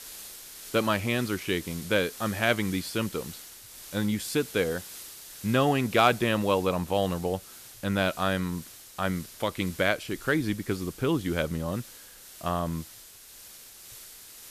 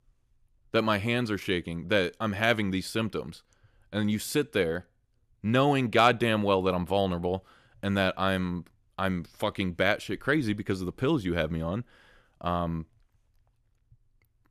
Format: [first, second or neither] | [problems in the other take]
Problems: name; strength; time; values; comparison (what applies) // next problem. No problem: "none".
second | hiss; noticeable; throughout; 15 dB below the speech